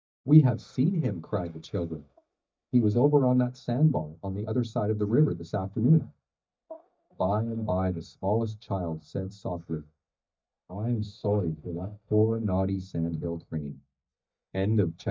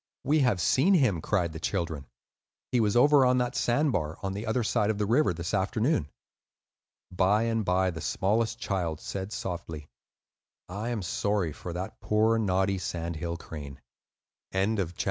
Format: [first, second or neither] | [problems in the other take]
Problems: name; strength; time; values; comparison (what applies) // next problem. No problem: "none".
second | noise reduction (neural mask model DeepFilterNet 3)